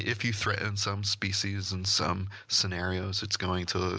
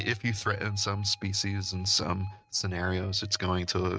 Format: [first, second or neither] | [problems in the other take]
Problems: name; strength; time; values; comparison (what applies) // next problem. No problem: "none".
first | noise reduction (neural mask model RNNoise)